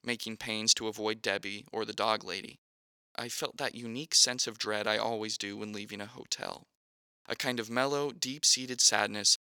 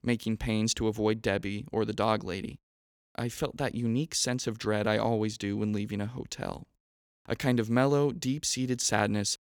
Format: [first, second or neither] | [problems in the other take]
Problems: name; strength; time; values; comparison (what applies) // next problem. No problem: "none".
second | thin; somewhat; fading below 950 Hz